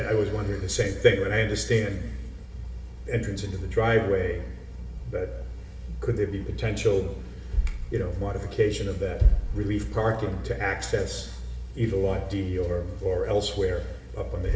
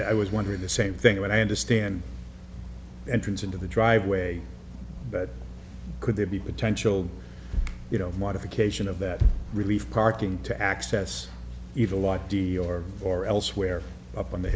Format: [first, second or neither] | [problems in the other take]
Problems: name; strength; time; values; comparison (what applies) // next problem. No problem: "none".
second | room echo; dies away in 1.1 s